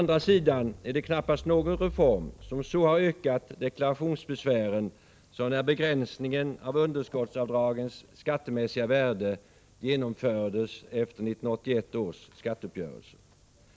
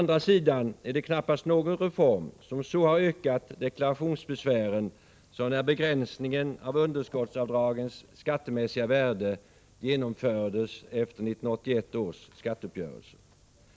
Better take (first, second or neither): second